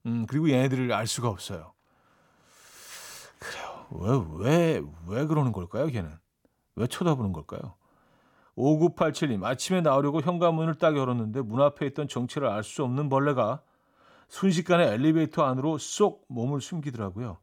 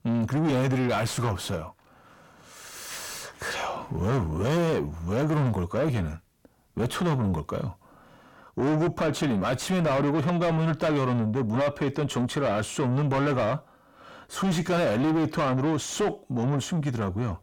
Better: first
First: none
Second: distortion; heavy; 5 dB below the speech

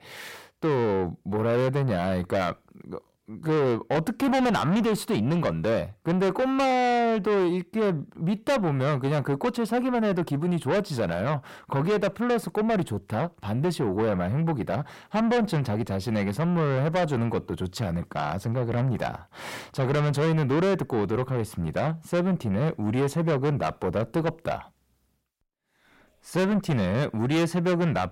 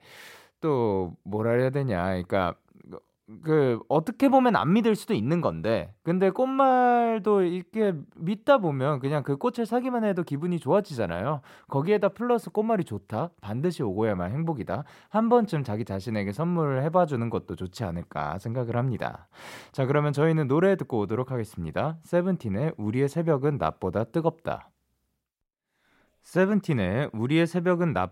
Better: second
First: distortion; heavy; 7 dB below the speech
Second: none

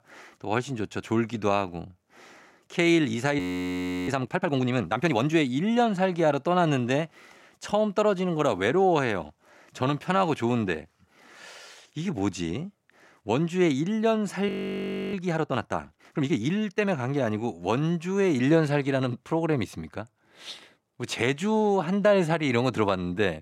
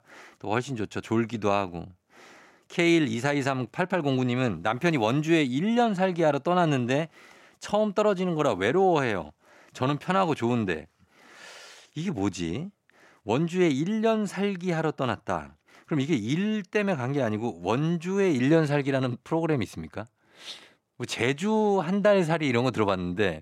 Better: second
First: audio freezing; at 3.5 s for 0.5 s and at 14 s for 0.5 s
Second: none

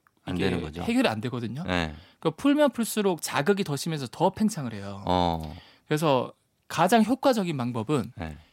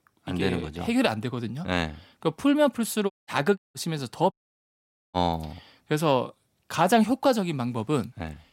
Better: first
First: none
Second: audio cutting out; at 3 s, at 3.5 s and at 4.5 s for 1 s

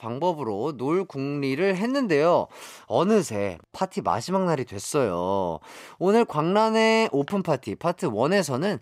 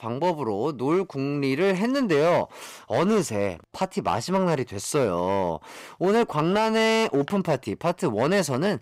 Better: first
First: none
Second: distortion; slight; 7% of the sound clipped

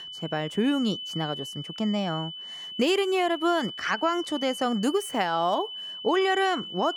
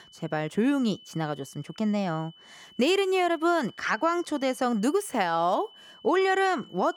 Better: second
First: high-pitched whine; loud; throughout; 3 kHz, 9 dB below the speech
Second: high-pitched whine; faint; throughout; 3 kHz, 25 dB below the speech

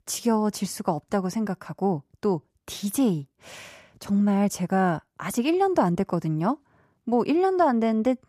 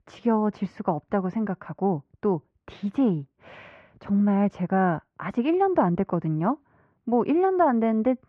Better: first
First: none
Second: muffled; very; fading above 2.5 kHz

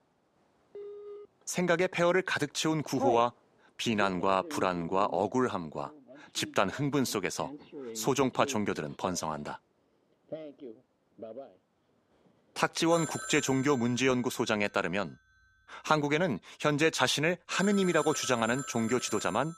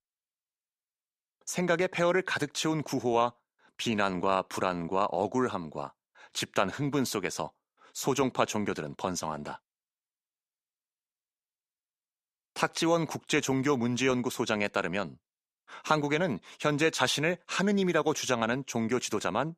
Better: second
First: alarms or sirens; noticeable; throughout; 15 dB below the speech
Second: none

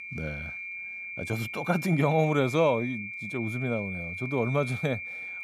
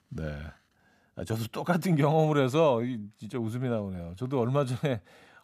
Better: second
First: high-pitched whine; loud; throughout; 2.5 kHz, 7 dB below the speech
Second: none

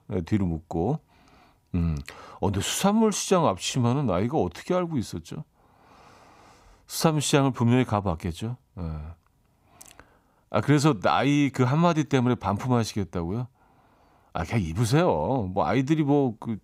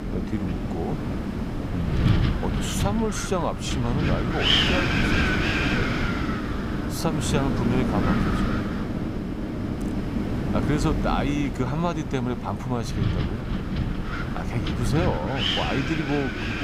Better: first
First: none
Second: wind noise on the microphone; heavy; 2 dB above the speech

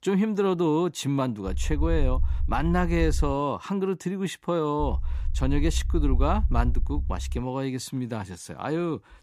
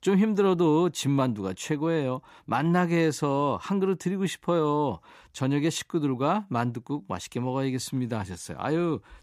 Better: second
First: low rumble; faint; from 1.5 to 3.5 s and from 5 to 7.5 s; 20 dB below the speech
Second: none

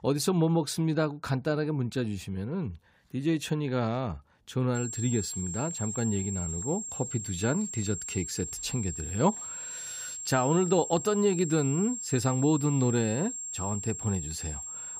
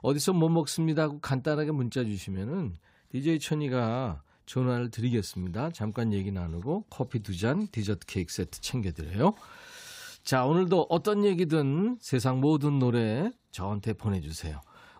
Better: second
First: high-pitched whine; loud; from 5 s on; 7.5 kHz, 6 dB below the speech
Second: none

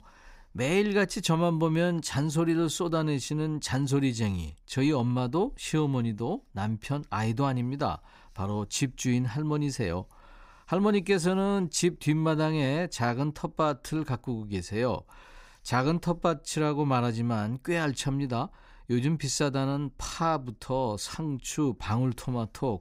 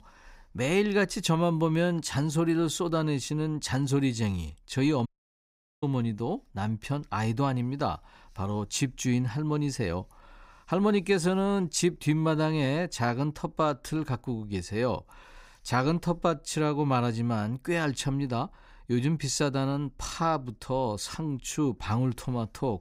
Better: first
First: none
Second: audio cutting out; at 5 s for 1 s

